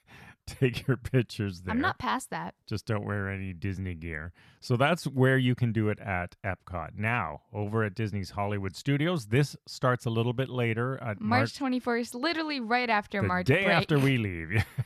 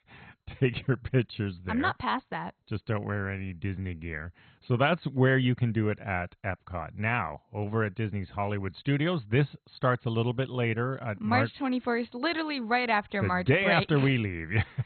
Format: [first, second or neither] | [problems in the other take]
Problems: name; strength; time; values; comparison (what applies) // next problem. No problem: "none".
first | garbled, watery; badly; nothing above 4 kHz